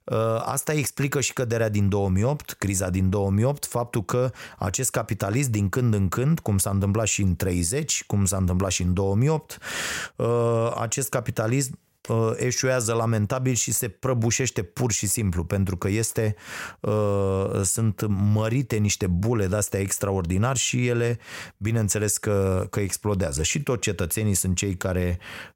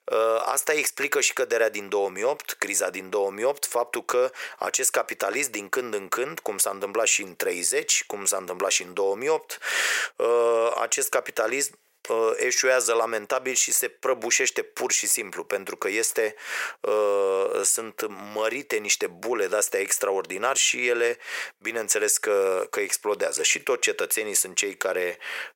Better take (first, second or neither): first